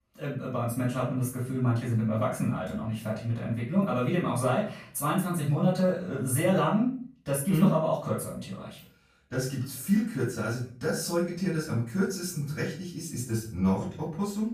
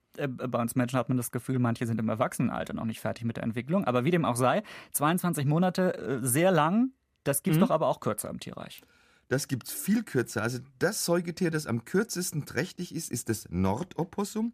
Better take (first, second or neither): second